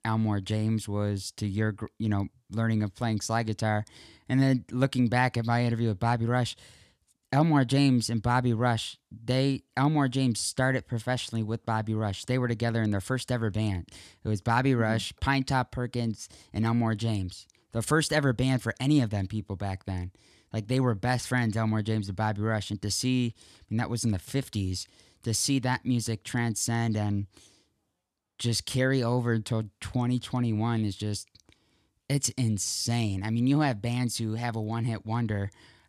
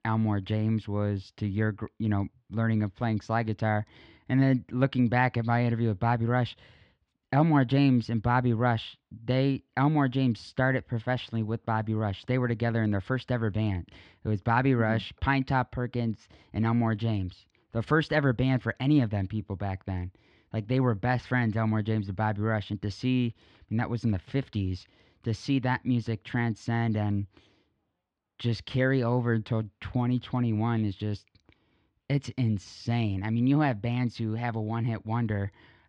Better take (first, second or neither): first